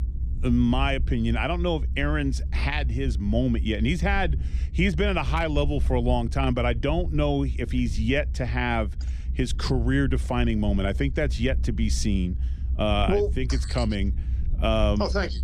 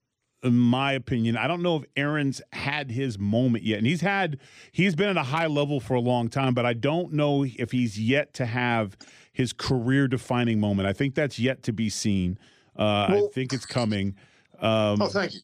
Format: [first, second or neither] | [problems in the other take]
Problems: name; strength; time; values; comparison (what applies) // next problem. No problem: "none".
second | low rumble; noticeable; throughout; 20 dB below the speech